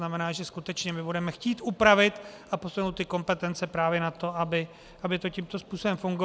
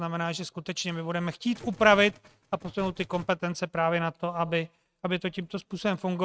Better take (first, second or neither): first